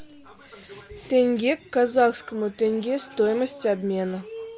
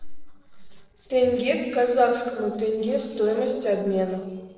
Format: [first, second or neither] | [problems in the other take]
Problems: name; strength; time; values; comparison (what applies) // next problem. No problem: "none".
first | noise reduction (neural separator model SepFormer DNS4)